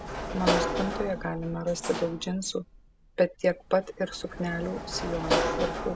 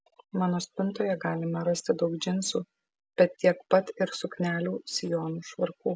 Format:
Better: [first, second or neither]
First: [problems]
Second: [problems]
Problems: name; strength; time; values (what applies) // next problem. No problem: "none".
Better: second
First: background sound (Sliding door / Slam); 2 dB below the speech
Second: none